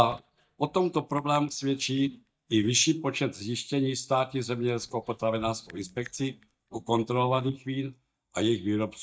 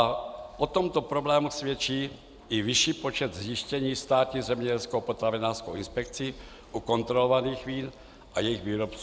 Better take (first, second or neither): second